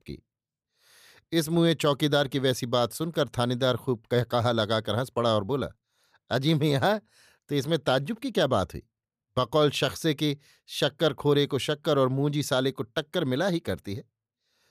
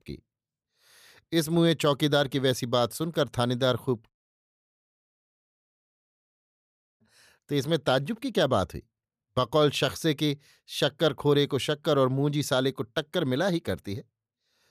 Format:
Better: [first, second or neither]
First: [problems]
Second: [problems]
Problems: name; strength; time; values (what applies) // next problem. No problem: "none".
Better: first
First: none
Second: audio cutting out; at 4 s for 3 s